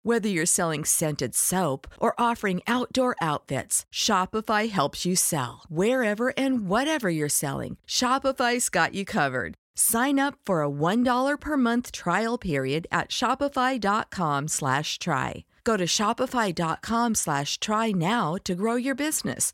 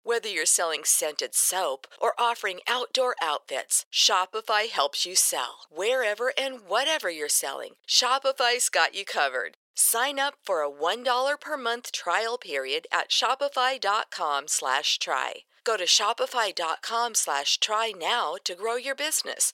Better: first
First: none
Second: thin; very; fading below 500 Hz

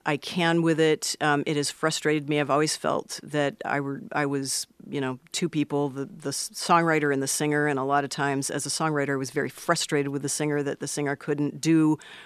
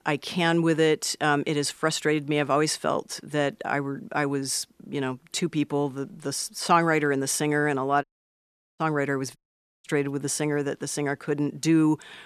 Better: first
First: none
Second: audio cutting out; at 8 s for 0.5 s and at 9.5 s

